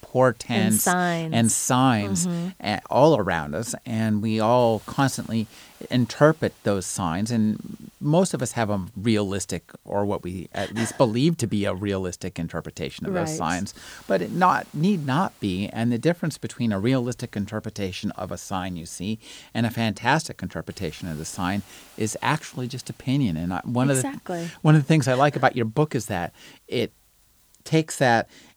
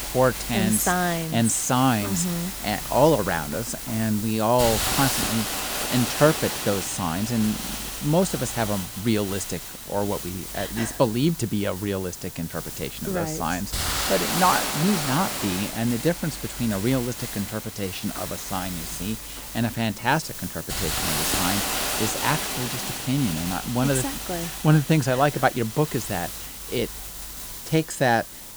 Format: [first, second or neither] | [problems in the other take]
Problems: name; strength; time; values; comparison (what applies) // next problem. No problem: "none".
first | hiss; loud; throughout; 4 dB below the speech; faint in the first